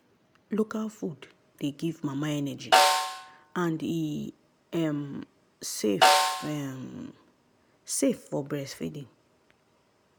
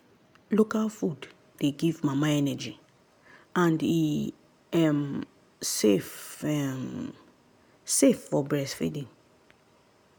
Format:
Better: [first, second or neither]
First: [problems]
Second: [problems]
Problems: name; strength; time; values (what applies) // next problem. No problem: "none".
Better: second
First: background sound (Snare drum); 5 dB above the speech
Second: none